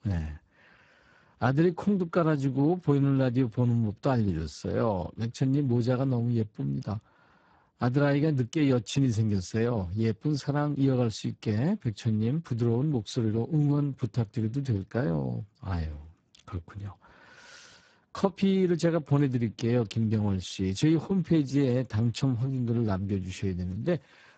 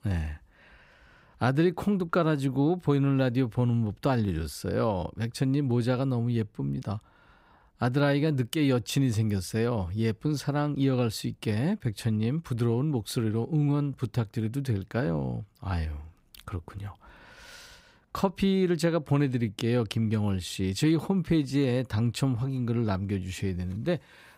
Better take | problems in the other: second | garbled, watery; badly; nothing above 8 kHz

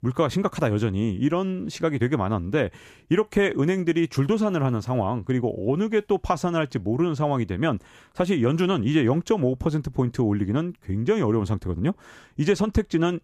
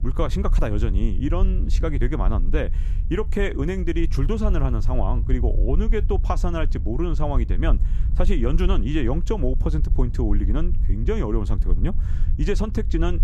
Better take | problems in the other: first | low rumble; noticeable; throughout; 15 dB below the speech

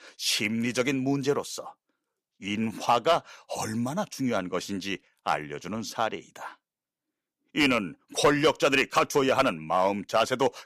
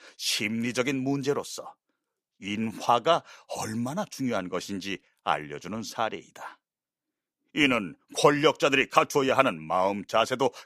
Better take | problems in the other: second | distortion; slight; 1.1% of the sound clipped

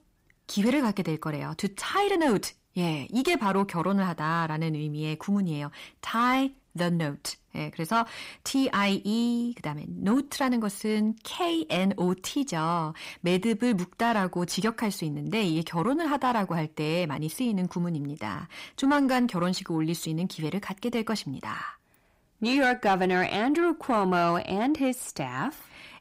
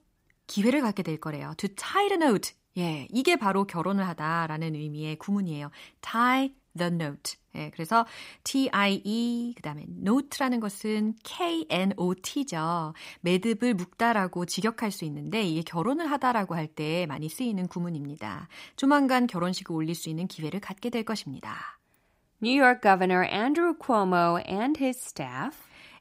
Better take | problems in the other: second | distortion; slight; 10 dB below the speech

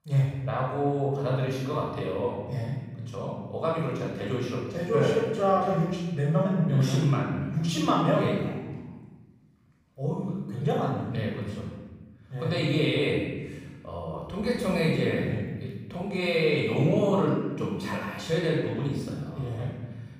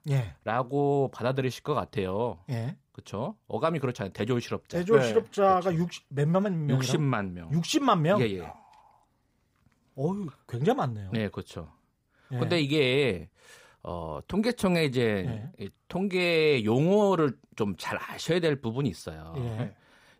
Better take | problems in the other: second | off-mic speech; far // room echo; noticeable; dies away in 1.3 s

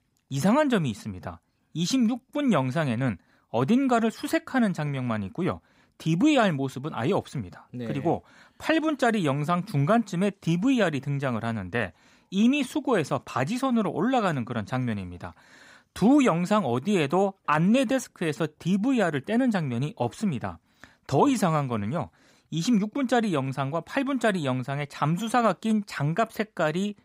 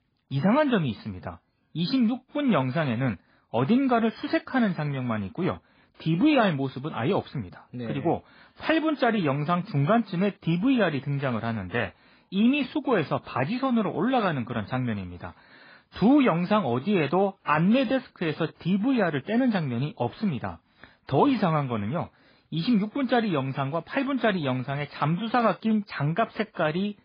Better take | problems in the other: first | garbled, watery; badly; nothing above 4 kHz

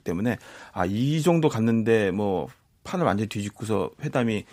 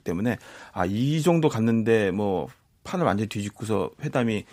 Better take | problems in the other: neither | none

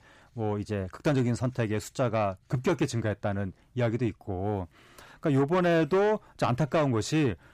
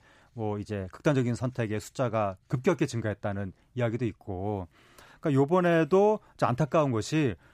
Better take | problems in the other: second | distortion; slight; 10 dB below the speech

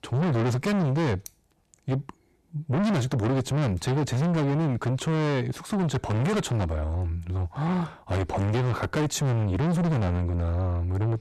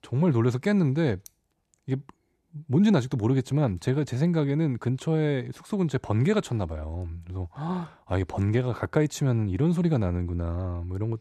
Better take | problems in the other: second | distortion; heavy; 6 dB below the speech

